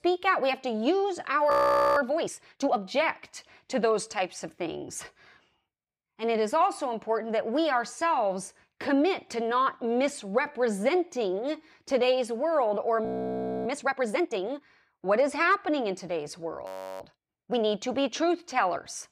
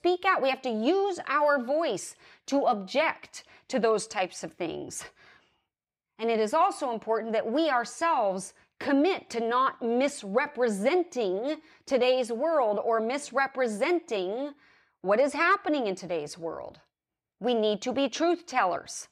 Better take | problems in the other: second | audio freezing; at 1.5 s, at 13 s for 0.5 s and at 17 s

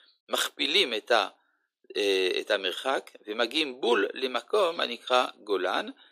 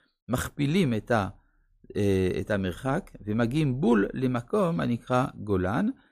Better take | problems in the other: second | thin; very; fading below 350 Hz

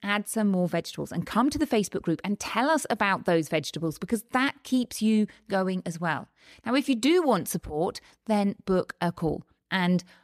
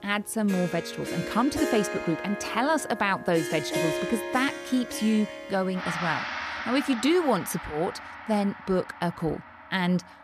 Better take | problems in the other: first | background music; loud; throughout; 6 dB below the speech

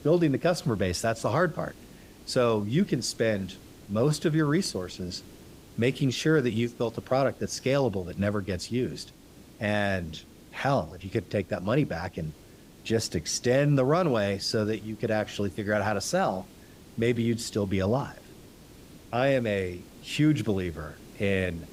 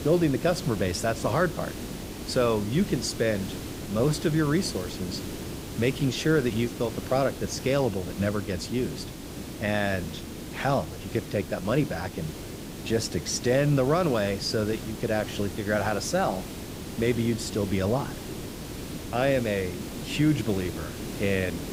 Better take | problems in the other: first | hiss; loud; throughout; 9 dB below the speech; faint in the first

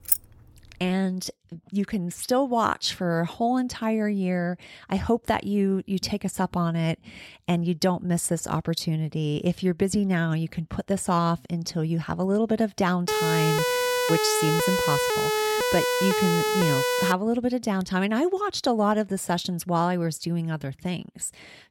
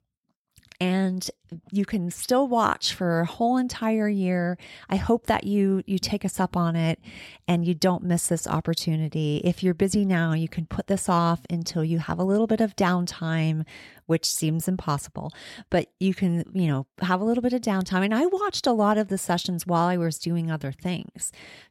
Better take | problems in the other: second | jangling keys; loud; at the start; peak 2 dB above the speech // siren; loud; from 13 to 17 s; peak 3 dB above the speech

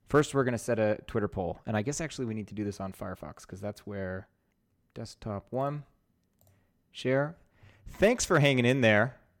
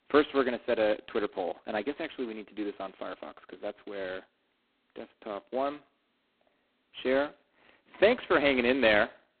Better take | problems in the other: first | phone-call audio; poor line; nothing above 4 kHz

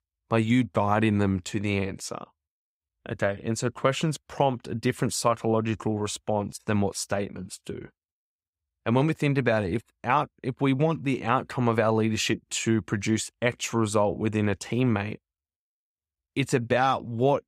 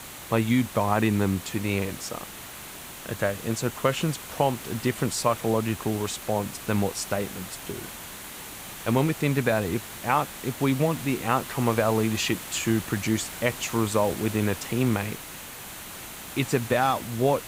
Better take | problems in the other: first | hiss; noticeable; throughout; 10 dB below the speech

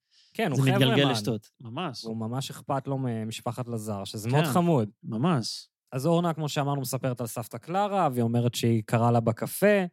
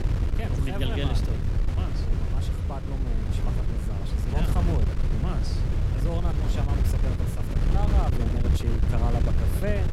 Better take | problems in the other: first | wind noise on the microphone; heavy; 1 dB below the speech

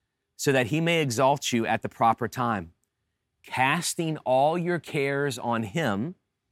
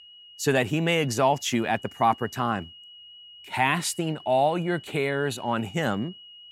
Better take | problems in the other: first | high-pitched whine; noticeable; throughout; 3 kHz, 20 dB below the speech

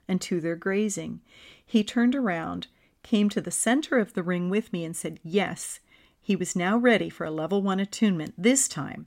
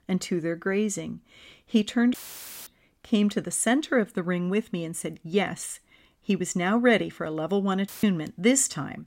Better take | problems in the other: first | audio cutting out; filled with static; at 2 s for 0.5 s and at 8 s

